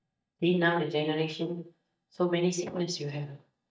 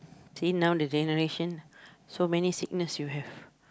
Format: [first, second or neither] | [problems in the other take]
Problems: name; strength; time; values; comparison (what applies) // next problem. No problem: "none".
second | noise reduction (neural mask model DeepFilterNet 3)